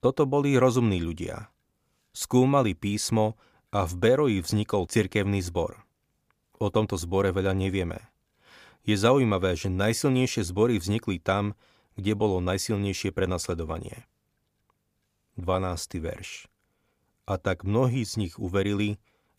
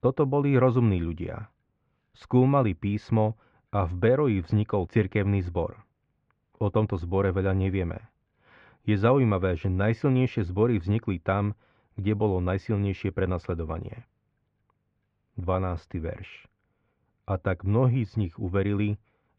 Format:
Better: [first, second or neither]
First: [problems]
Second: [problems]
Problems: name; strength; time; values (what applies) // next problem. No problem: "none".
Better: first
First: none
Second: muffled; very; fading above 2.5 kHz